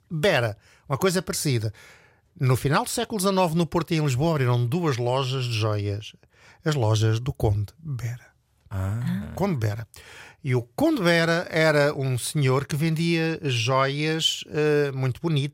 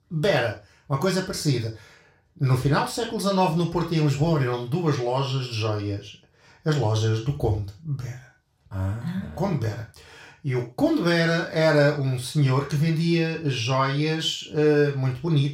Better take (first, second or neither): first